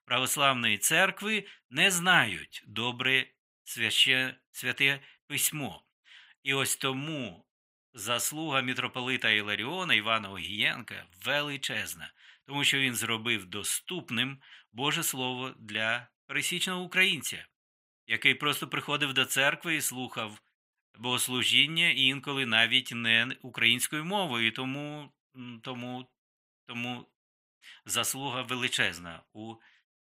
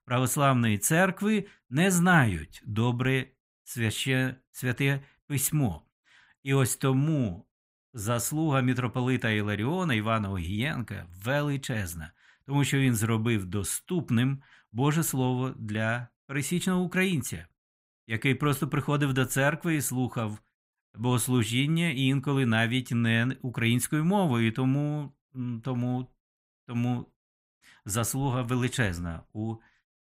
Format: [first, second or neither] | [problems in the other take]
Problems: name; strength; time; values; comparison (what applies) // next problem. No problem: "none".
second | thin; somewhat; fading below 650 Hz